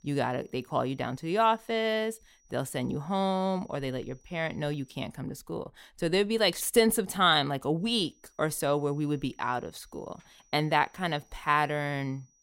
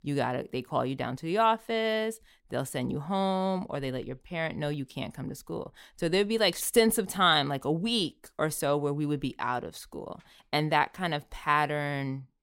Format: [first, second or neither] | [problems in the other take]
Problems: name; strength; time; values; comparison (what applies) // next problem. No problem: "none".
second | high-pitched whine; faint; until 5 s and from 8 s on; 6 kHz, 35 dB below the speech